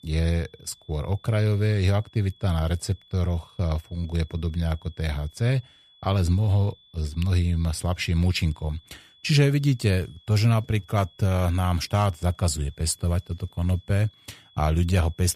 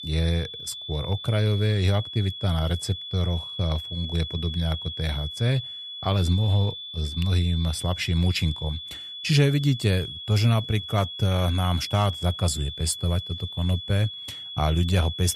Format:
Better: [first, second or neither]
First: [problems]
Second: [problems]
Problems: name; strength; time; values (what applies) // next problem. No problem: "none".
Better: first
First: high-pitched whine; faint; throughout; 3.5 kHz, 30 dB below the speech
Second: high-pitched whine; loud; throughout; 3.5 kHz, 9 dB below the speech